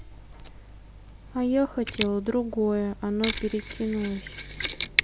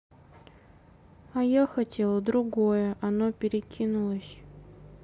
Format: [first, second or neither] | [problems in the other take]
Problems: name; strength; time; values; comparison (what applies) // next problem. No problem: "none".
second | background sound (Mechanisms); 6 dB below the speech